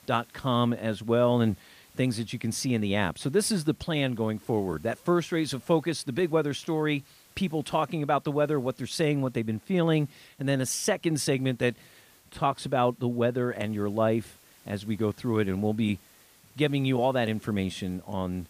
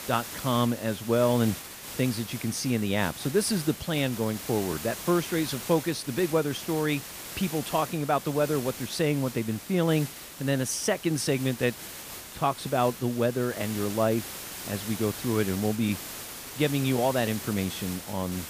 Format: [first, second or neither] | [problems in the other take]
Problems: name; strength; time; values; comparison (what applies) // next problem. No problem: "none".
first | hiss; loud; throughout; 10 dB below the speech; faint in the first